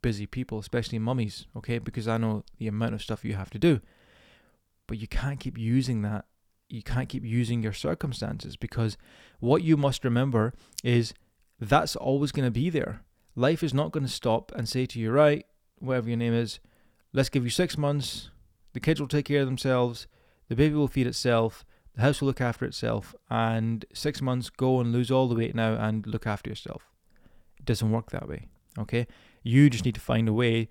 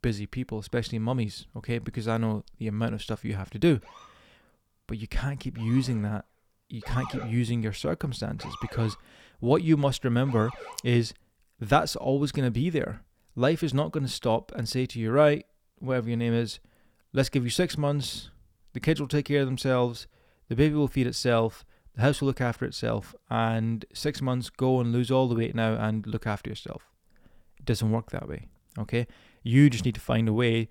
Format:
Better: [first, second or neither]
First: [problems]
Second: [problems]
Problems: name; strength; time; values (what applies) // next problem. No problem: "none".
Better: first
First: none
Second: siren; faint; from 4 to 11 s; peak 10 dB below the speech